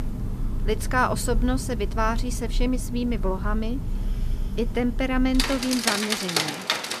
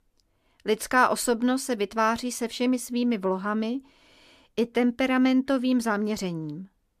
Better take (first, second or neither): second